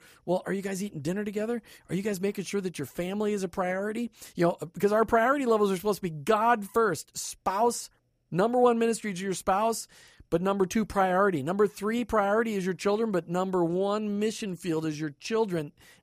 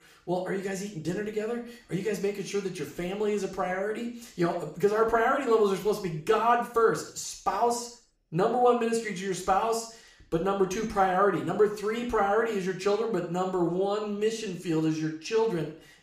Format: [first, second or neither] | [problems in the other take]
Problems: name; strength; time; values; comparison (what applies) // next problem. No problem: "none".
first | room echo; noticeable; dies away in 0.5 s // off-mic speech; somewhat distant